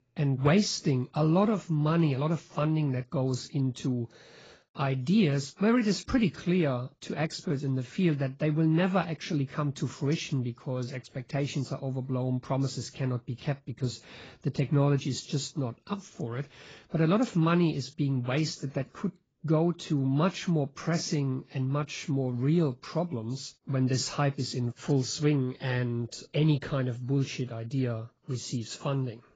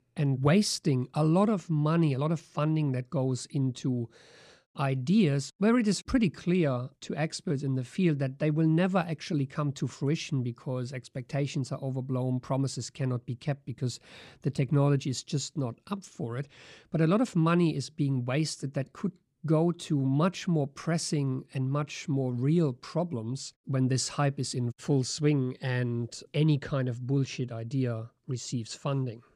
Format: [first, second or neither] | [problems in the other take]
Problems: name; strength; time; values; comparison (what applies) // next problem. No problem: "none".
second | garbled, watery; badly; nothing above 7.5 kHz